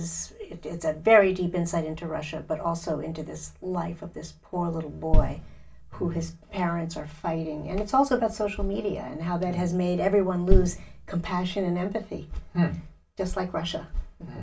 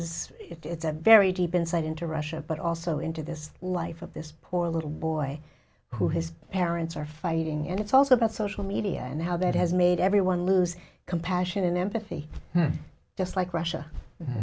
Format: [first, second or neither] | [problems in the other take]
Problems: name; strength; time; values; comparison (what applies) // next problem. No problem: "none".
second | background sound (Bass drum); 4 dB above the speech // room echo; dies away in 0.2 s